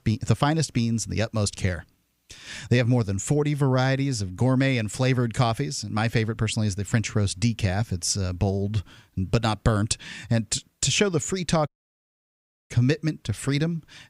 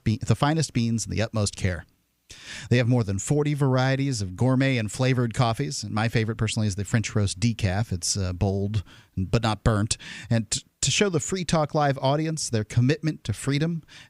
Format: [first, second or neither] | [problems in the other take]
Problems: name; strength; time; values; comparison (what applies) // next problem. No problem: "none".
second | audio cutting out; at 12 s for 1 s